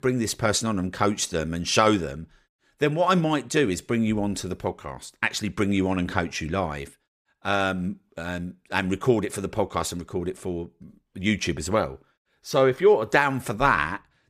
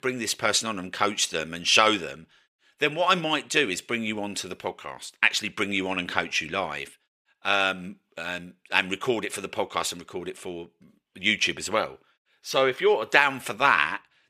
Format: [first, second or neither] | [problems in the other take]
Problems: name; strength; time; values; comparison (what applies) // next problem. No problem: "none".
first | thin; somewhat; fading below 1 kHz